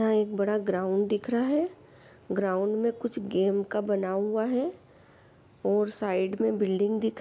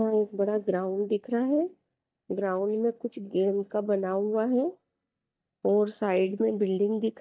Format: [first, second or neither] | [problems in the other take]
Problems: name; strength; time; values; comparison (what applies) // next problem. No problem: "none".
first | noise reduction (neural mask model DeepFilterNet 3)